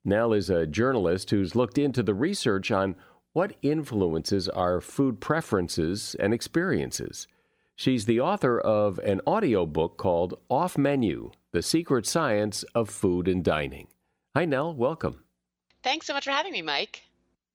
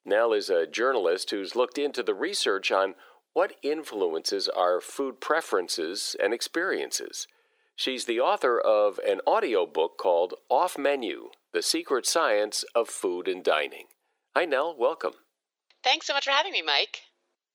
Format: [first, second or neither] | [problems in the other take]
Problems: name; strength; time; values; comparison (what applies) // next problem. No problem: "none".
first | thin; very; fading below 400 Hz